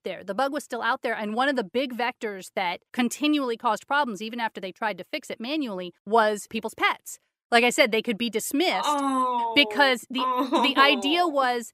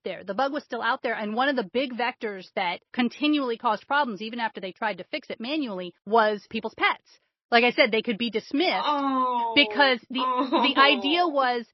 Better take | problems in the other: first | garbled, watery; slightly; nothing above 5 kHz

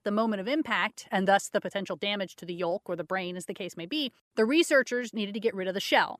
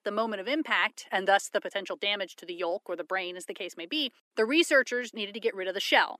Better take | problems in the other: first | thin; very slightly; fading below 250 Hz

